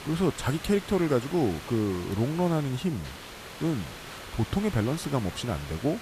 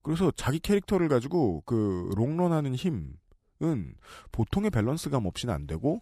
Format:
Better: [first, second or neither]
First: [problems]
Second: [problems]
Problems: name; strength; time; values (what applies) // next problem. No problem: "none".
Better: second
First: hiss; noticeable; throughout; 10 dB below the speech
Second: none